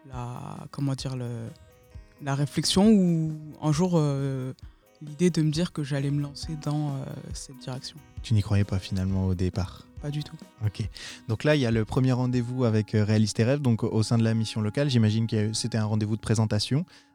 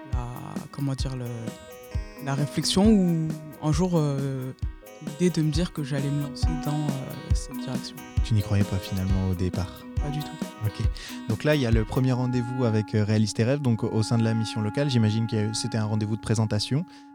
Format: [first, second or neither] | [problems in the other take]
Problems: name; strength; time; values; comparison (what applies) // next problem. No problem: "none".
first | background music; loud; throughout; 9 dB below the speech; faint in the first